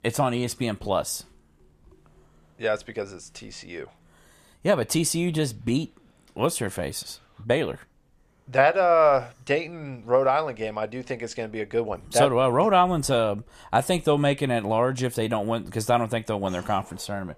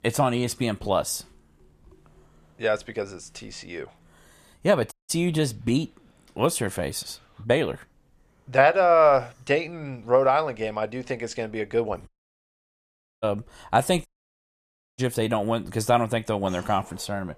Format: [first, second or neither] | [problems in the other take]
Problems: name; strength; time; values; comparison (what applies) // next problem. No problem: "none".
first | audio cutting out; at 5 s, at 12 s for 1 s and at 14 s for 1 s